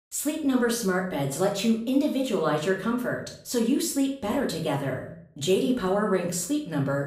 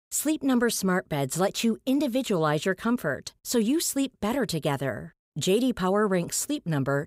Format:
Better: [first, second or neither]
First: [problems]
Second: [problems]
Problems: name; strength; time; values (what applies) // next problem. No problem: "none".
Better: second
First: room echo; slight; dies away in 0.4 s // off-mic speech; somewhat distant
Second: none